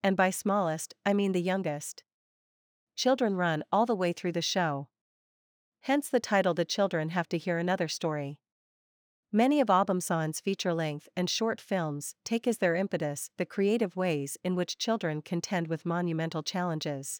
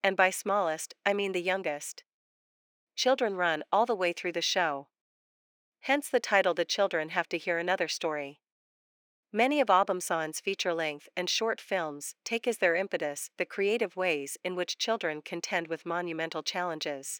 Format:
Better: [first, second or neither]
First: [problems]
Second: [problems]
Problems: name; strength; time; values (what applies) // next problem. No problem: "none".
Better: first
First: none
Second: thin; somewhat; fading below 400 Hz